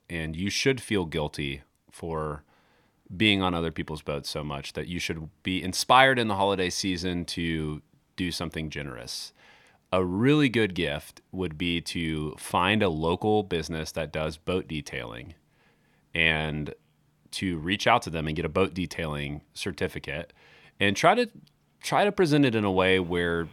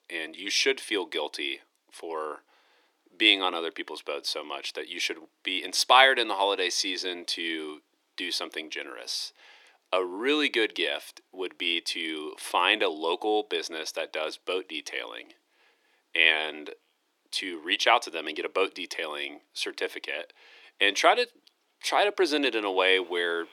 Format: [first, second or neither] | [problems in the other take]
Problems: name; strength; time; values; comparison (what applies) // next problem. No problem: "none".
first | thin; somewhat; fading below 350 Hz